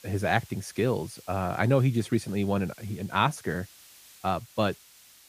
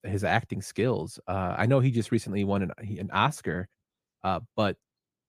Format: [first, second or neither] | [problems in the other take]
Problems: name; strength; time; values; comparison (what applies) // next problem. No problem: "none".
second | hiss; faint; throughout; 20 dB below the speech